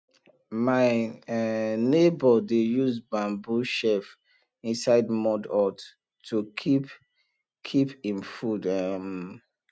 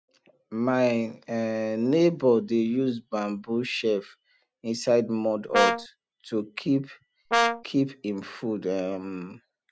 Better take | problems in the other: first | background sound (Brass instrument); 4 dB above the speech

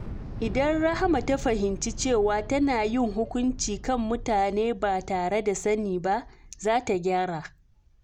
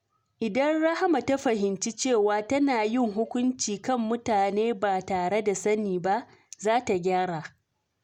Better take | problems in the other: second | background sound (Thunder / Explosion); 12 dB below the speech

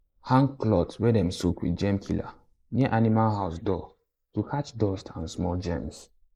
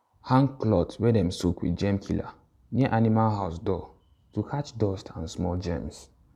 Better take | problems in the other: second | noise reduction (neural mask model Resemble Enhance denoiser)

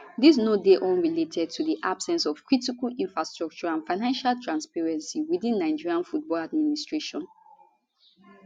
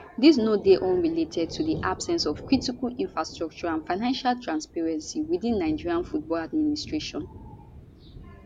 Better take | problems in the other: first | background sound (Thunder); 16 dB below the speech

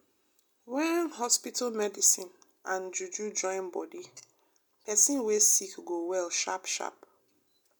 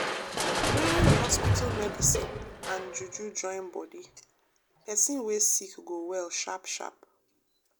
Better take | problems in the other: first | background sound (Crushing); 2 dB above the speech

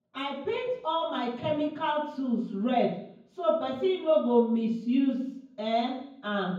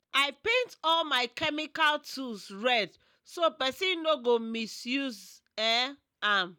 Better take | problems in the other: second | room echo; dies away in 0.9 s

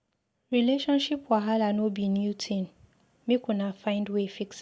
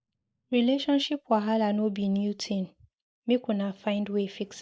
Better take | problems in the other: first | noise reduction (neural mask model Resemble Enhance denoiser)

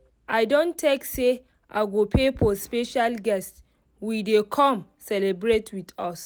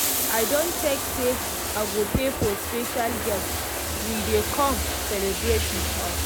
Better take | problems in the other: first | background sound (Bathtub (filling or washing)); 1 dB above the speech

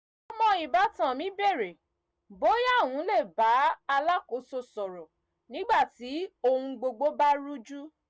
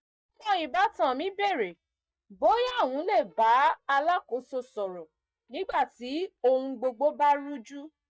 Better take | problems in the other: first | noise reduction (neural mask model DeepFilterNet 3)

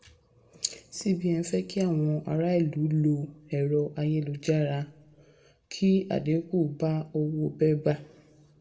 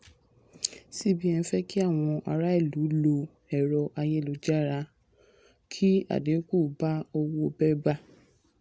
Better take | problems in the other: second | room echo; dies away in 0.5 s

